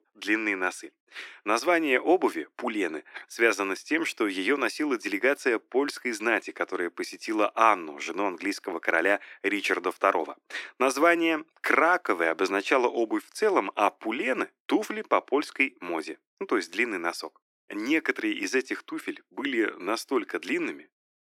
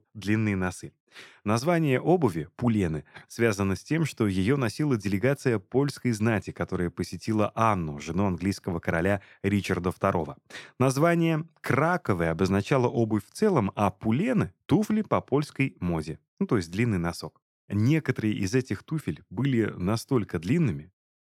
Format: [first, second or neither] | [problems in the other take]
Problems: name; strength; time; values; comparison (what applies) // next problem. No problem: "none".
second | thin; somewhat; fading below 300 Hz